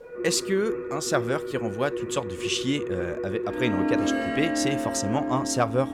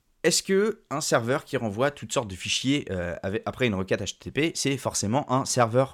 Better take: second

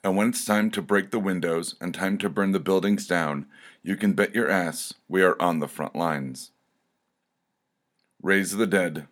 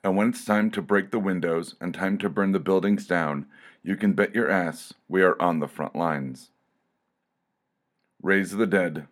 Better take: first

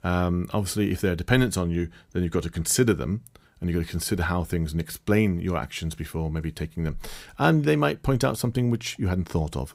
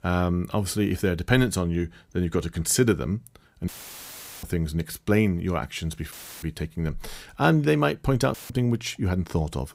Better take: first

